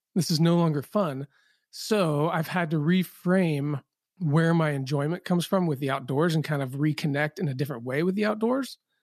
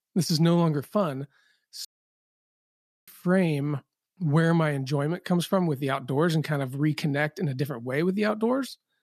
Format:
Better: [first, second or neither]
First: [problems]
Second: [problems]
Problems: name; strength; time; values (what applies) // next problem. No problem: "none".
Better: first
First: none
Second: audio cutting out; at 2 s for 1 s